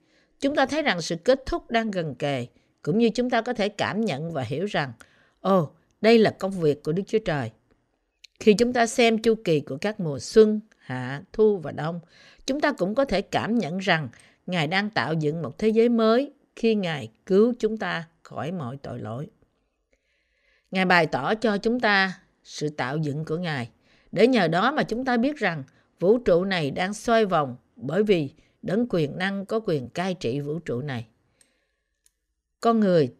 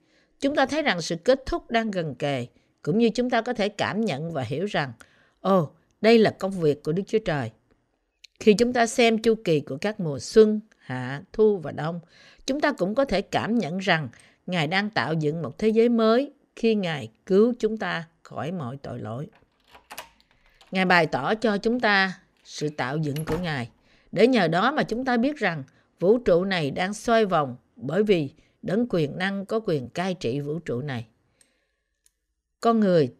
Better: first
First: none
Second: door banging; faint; from 20 to 24 s; peak 15 dB below the speech

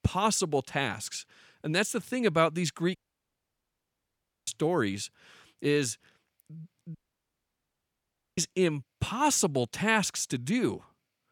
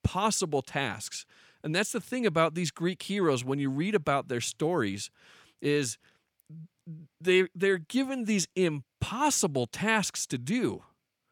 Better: second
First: audio cutting out; at 3 s for 1.5 s and at 7 s for 1.5 s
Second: none

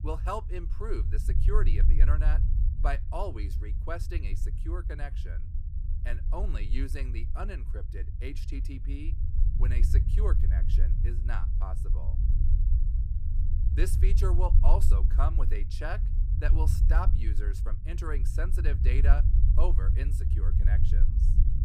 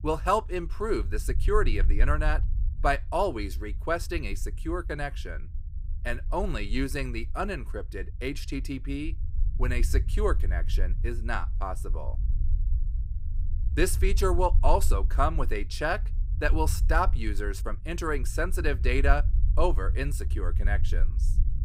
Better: second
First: low rumble; loud; throughout; 8 dB below the speech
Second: low rumble; faint; throughout; 20 dB below the speech

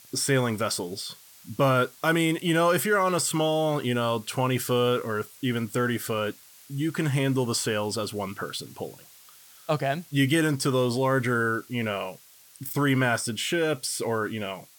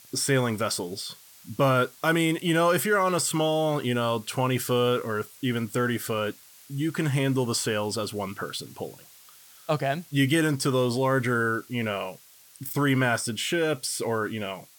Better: neither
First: hiss; faint; throughout; 25 dB below the speech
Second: hiss; faint; throughout; 25 dB below the speech

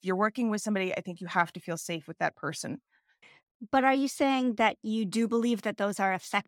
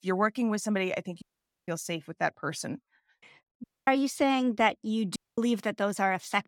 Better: first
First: none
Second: audio cutting out; at 1 s, at 3.5 s and at 5 s

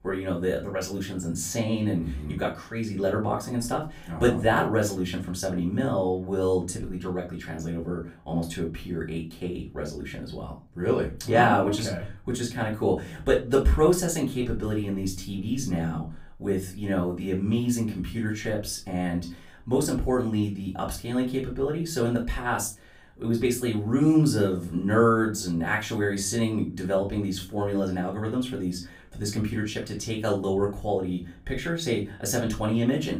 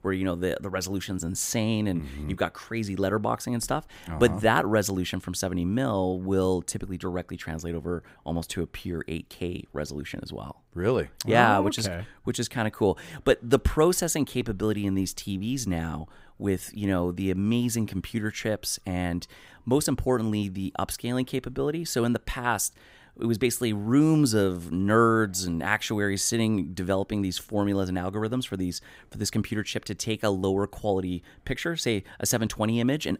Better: second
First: room echo; slight; dies away in 0.3 s // off-mic speech; far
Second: none

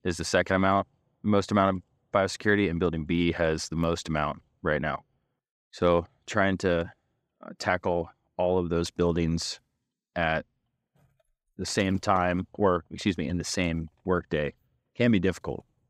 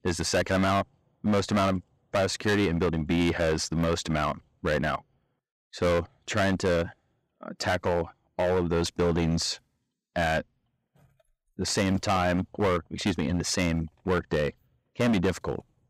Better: first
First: none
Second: distortion; heavy; 10% of the sound clipped

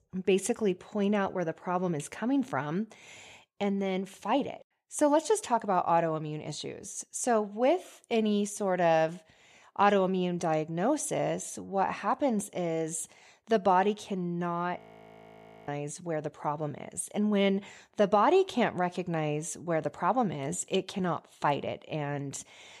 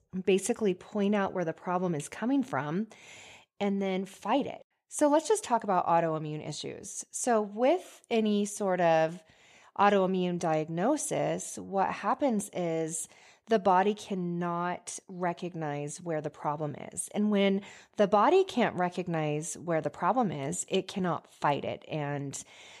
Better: second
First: audio freezing; at 15 s for 1 s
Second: none

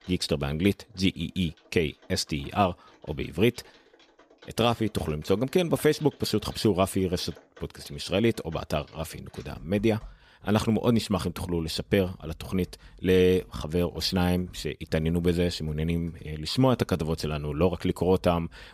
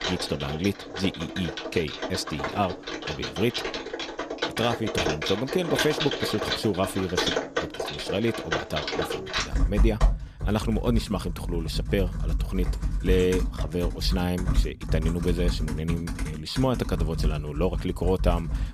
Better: first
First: household noises; faint; throughout; 25 dB below the speech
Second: household noises; loud; throughout; 1 dB below the speech

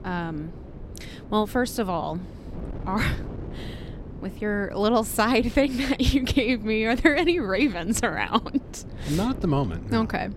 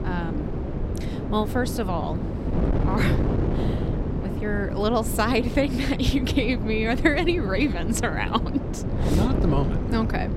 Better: first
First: wind noise on the microphone; occasional gusts; 20 dB below the speech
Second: wind noise on the microphone; heavy; 7 dB below the speech

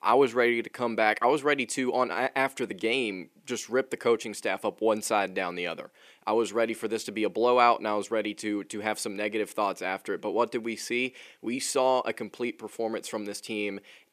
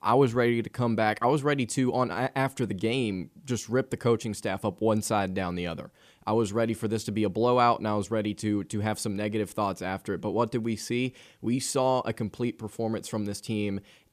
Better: second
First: thin; somewhat; fading below 350 Hz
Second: none

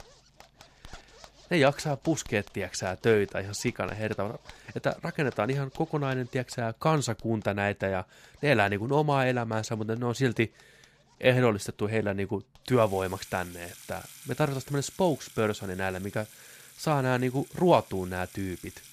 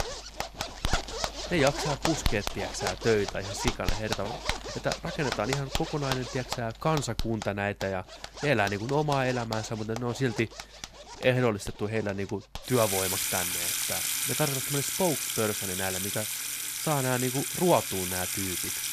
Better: first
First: household noises; faint; throughout; 20 dB below the speech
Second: household noises; loud; throughout; 1 dB below the speech

